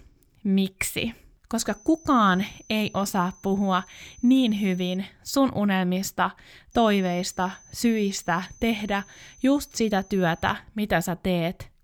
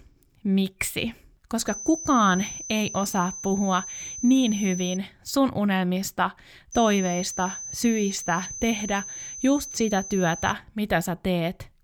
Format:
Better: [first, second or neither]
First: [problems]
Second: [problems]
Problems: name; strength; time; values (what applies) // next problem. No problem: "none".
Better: first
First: high-pitched whine; faint; from 1.5 to 5 s and from 6.5 to 11 s; 6 kHz, 25 dB below the speech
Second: high-pitched whine; loud; from 1.5 to 5 s and from 6.5 to 11 s; 6 kHz, 9 dB below the speech